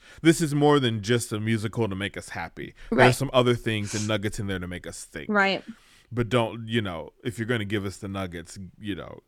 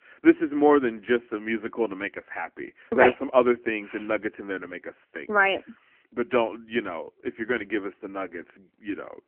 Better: first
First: none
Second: phone-call audio; poor line; nothing above 3 kHz

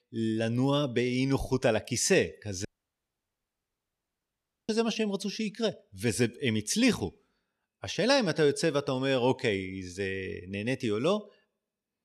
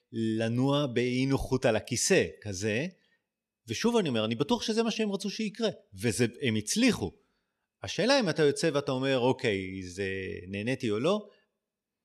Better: second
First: audio cutting out; at 2.5 s for 2 s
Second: none

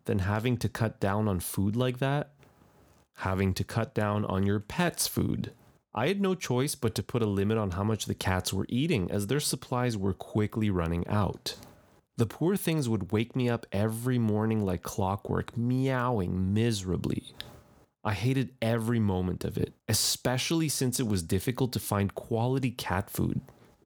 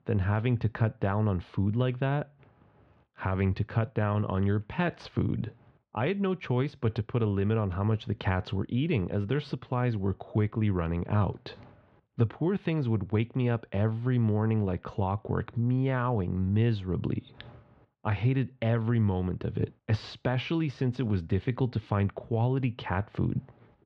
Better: first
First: none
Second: muffled; very; fading above 3 kHz

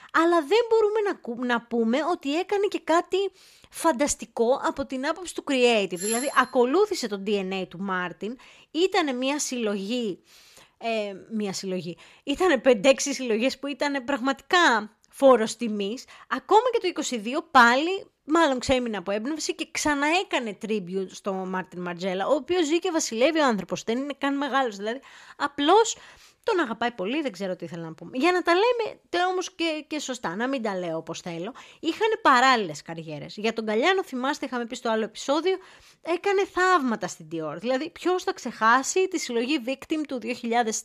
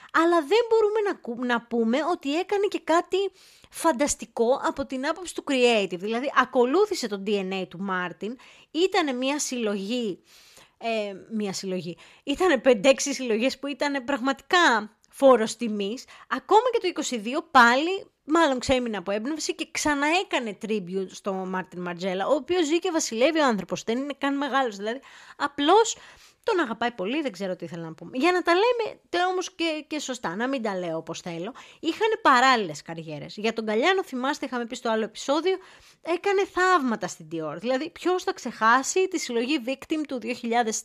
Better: second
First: doorbell; noticeable; at 6 s; peak 5 dB below the speech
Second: none

